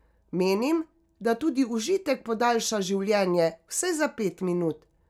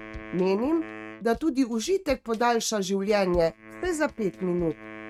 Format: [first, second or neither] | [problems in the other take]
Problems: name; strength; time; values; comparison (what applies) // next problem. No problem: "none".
first | noise reduction (neural mask model RNNoise)